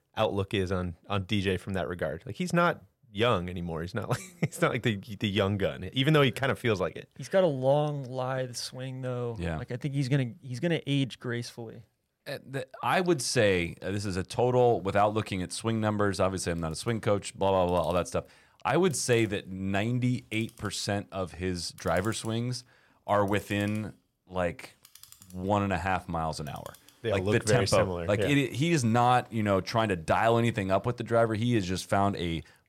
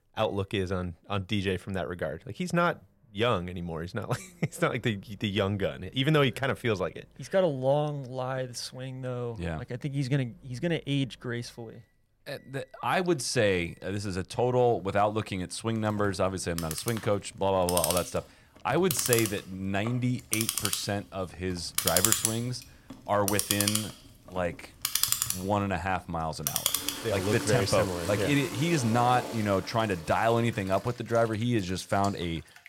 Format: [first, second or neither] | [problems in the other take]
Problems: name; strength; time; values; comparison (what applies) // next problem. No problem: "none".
first | household noises; loud; throughout; 1 dB below the speech; faint in the first